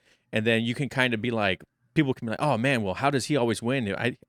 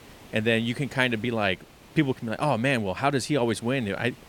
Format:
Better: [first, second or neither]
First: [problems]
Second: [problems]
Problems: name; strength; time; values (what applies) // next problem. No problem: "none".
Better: first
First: none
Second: hiss; faint; throughout; 25 dB below the speech